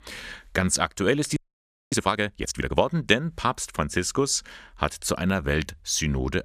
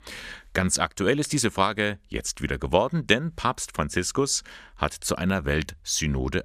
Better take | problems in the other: second | audio freezing; at 1.5 s for 0.5 s

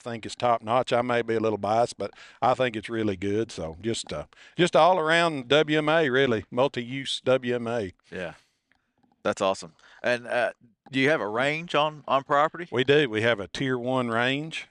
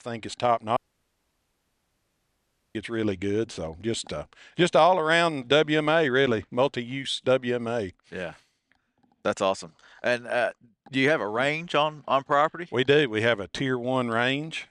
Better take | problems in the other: first | audio cutting out; at 1 s for 2 s

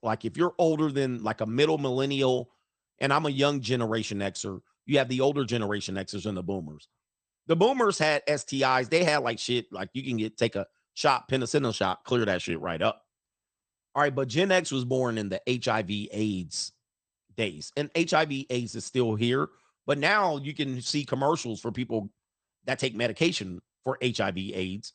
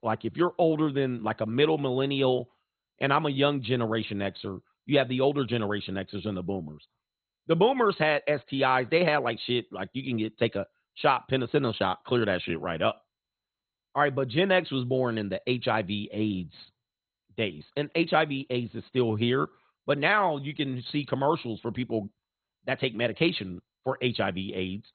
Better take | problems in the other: first | garbled, watery; badly; nothing above 4 kHz; slightly in the first

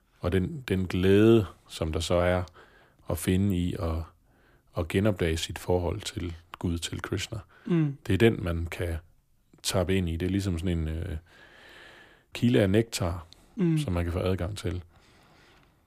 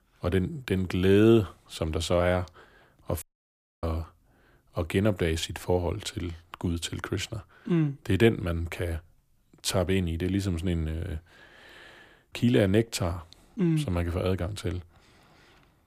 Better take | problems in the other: first | audio cutting out; at 3 s for 0.5 s

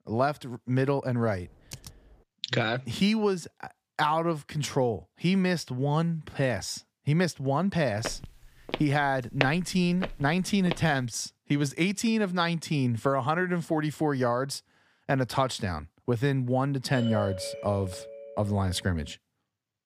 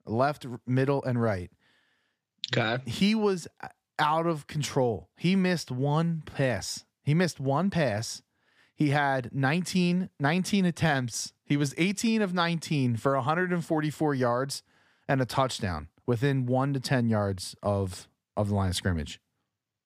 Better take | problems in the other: second | keyboard typing; faint; at 1.5 s; peak 15 dB below the speech // footsteps; noticeable; from 8 to 11 s; peak 3 dB below the speech // doorbell; noticeable; from 17 to 19 s; peak 7 dB below the speech

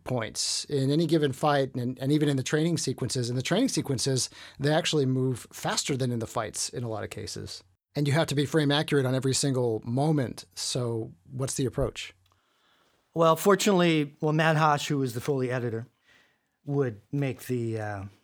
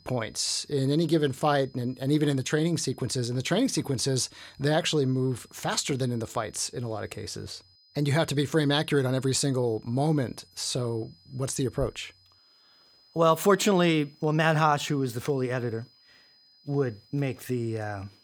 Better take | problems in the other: first | high-pitched whine; faint; throughout; 5 kHz, 30 dB below the speech

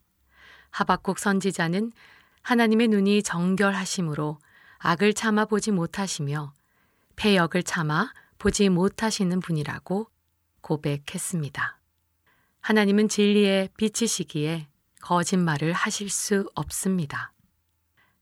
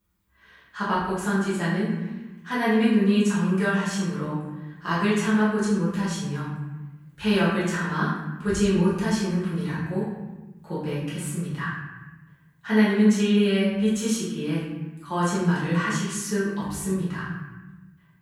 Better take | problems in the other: first | off-mic speech; far // room echo; noticeable; dies away in 1.2 s

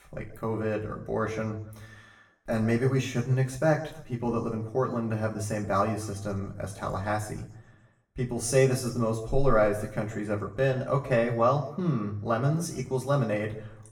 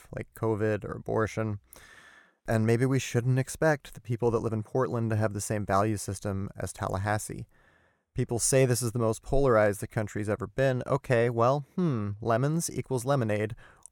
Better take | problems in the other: second | room echo; slight; dies away in 0.6 s // off-mic speech; far

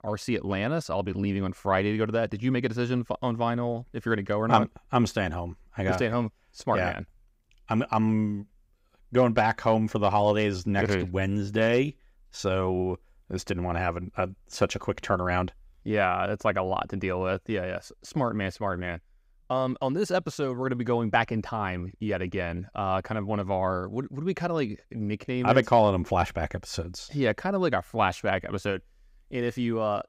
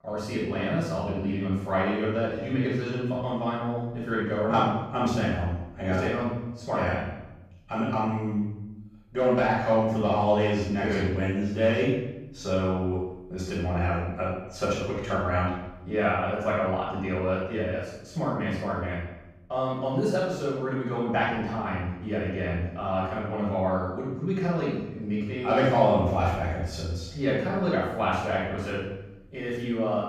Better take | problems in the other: first | off-mic speech; far // room echo; strong; dies away in 0.8 s

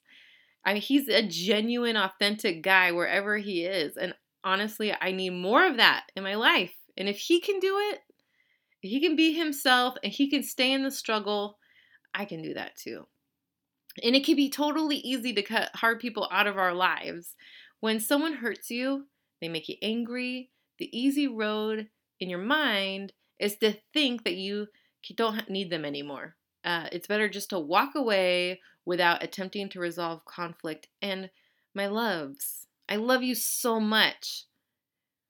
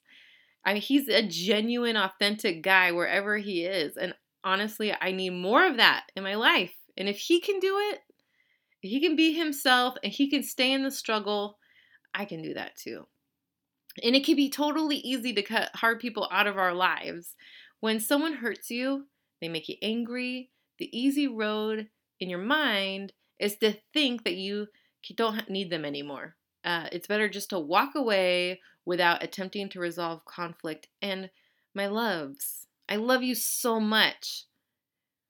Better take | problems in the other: neither | none

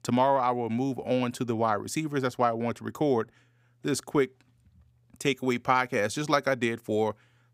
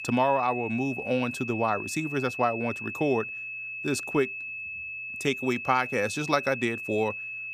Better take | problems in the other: first | high-pitched whine; loud; throughout; 2.5 kHz, 6 dB below the speech

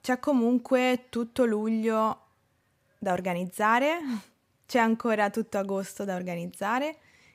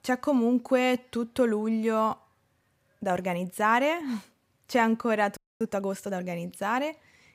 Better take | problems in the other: first | audio freezing; at 5.5 s

